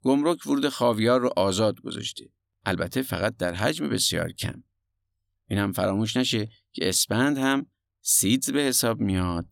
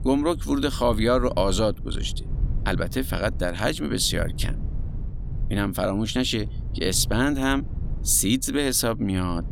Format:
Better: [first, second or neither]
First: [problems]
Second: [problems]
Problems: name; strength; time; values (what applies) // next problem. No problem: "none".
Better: first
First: none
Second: low rumble; faint; throughout; 20 dB below the speech